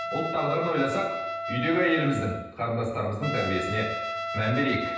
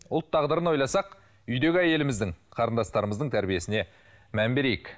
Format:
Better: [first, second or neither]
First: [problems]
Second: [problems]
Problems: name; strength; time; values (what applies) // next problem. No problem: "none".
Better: second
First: background sound (Trumpet); 5 dB below the speech // room echo; dies away in 0.9 s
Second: none